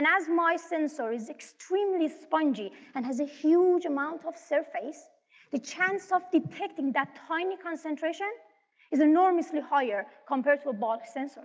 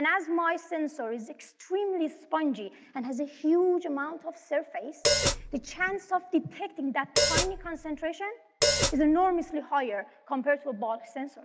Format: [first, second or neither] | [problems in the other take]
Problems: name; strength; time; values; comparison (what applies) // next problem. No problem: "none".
first | background sound (Hi-hat); 2 dB above the speech